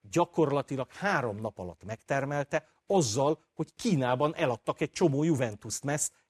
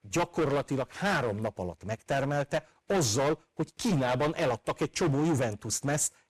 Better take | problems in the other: first | distortion; heavy; 14% of the sound clipped

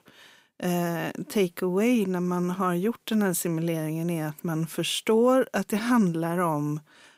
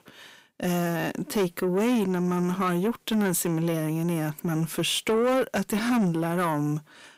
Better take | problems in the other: first | distortion; slight; 10 dB below the speech

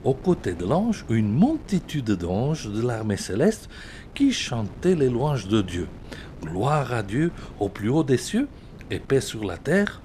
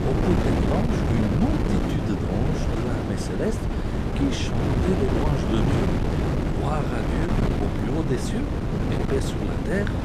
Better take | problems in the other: first | wind noise on the microphone; heavy; 2 dB above the speech; occasional gusts in the first

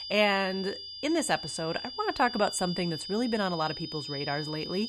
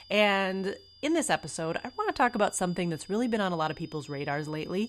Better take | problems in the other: second | high-pitched whine; loud; throughout; 5 kHz, 7 dB below the speech; faint in the second

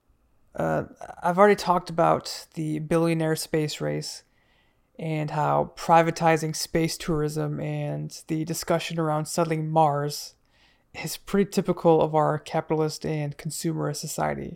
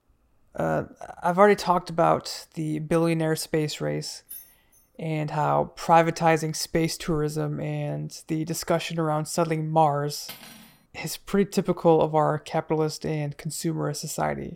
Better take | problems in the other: first | jangling keys; faint; at 4.5 s; peak 15 dB below the speech // clattering dishes; faint; at 10 s; peak 15 dB below the speech

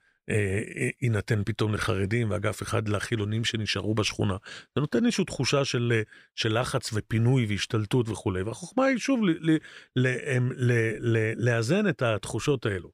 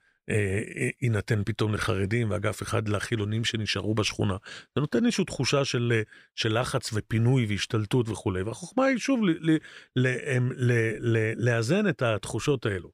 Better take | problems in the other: neither | none

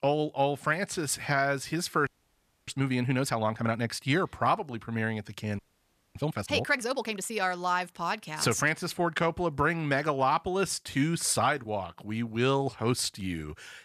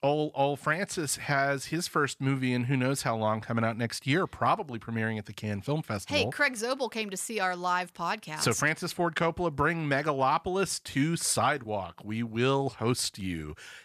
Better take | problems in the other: second | audio freezing; at 2 s for 0.5 s and at 5.5 s for 0.5 s

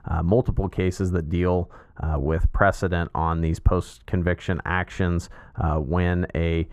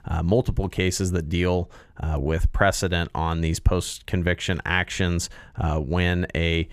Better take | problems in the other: second | muffled; slightly; fading above 2 kHz

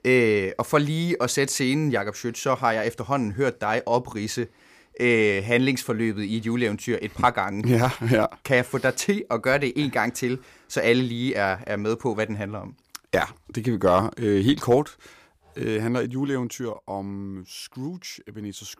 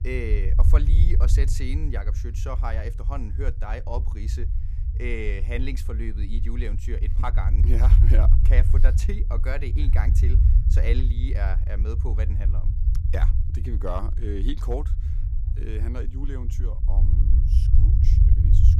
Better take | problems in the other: first | low rumble; loud; throughout; 6 dB below the speech

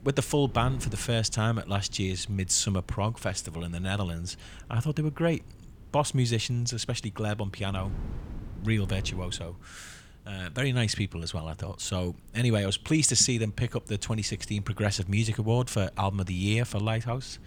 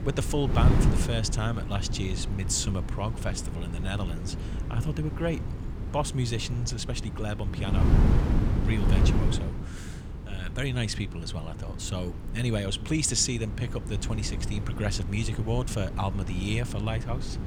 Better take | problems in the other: first | wind noise on the microphone; heavy; 7 dB below the speech; occasional gusts in the first

